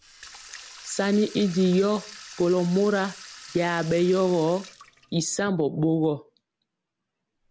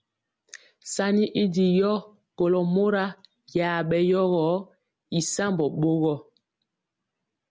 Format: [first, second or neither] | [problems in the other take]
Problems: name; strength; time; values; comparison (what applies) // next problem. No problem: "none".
second | background sound (Sink (filling or washing) / Water tap, faucet); 20 dB below the speech